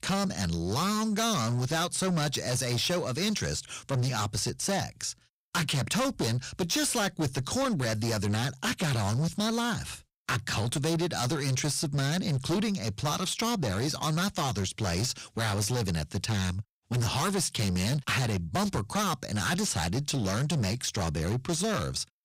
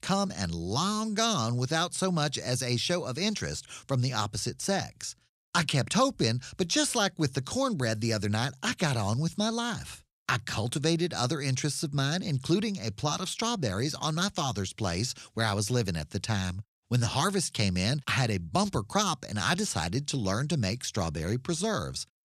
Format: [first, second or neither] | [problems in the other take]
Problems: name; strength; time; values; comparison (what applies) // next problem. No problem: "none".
second | distortion; heavy; 19% of the sound clipped